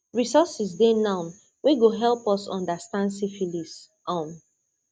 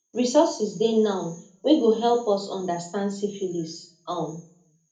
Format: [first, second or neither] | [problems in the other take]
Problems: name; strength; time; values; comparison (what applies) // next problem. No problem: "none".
first | room echo; dies away in 0.3 s